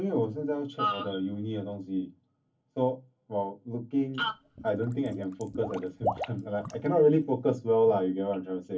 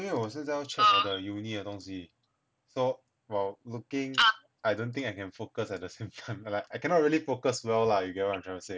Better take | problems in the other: second | background sound (Water / Liquid); 10 dB below the speech // room echo; dies away in 0.3 s

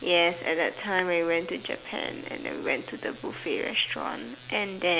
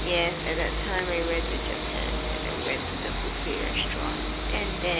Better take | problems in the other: first | background sound (Train); 1 dB above the speech

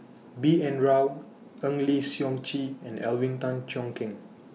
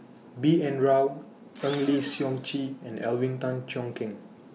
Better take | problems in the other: first | background sound (Engine / Drill); 16 dB below the speech

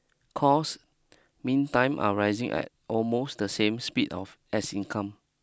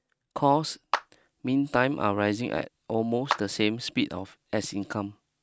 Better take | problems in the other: first | noise reduction (neural mask model RNNoise)

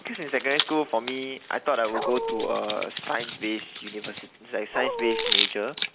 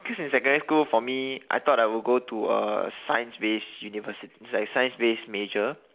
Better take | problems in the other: second | background sound (Dog + Hands); 2 dB below the speech

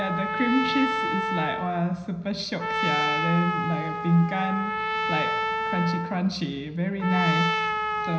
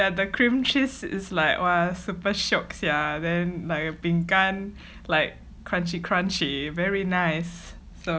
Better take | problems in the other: second | background sound (Trumpet); 1 dB below the speech // room echo; dies away in 0.9 s

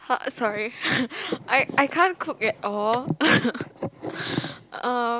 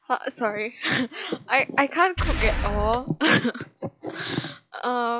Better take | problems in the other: first | noise reduction (classical method log-MMSE)

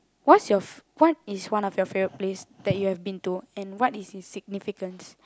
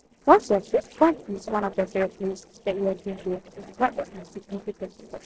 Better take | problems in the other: first | noise reduction (neural separator model SepFormer DNS4)

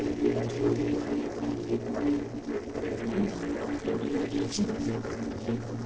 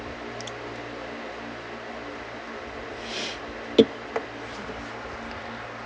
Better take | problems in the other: second | noise reduction (neural separator model SepFormer DNS4)

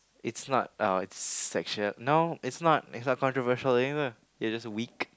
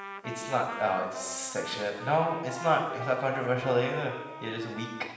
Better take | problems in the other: first | background sound (Trumpet); 11 dB below the speech // room echo; dies away in 1.2 s

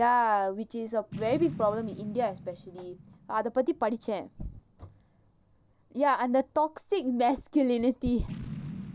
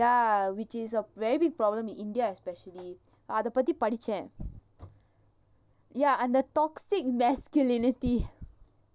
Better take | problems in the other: second | background sound (Boom); 16 dB below the speech

